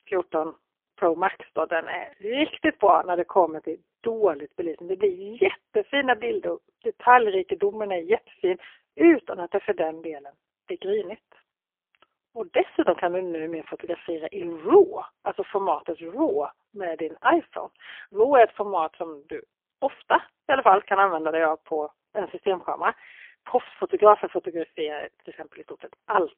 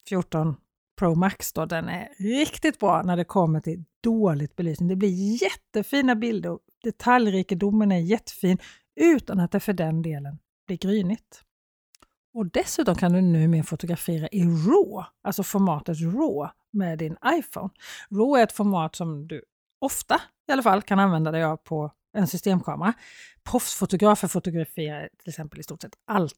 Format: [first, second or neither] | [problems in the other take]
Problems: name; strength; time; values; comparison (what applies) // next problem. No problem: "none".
second | phone-call audio; poor line; nothing above 3.5 kHz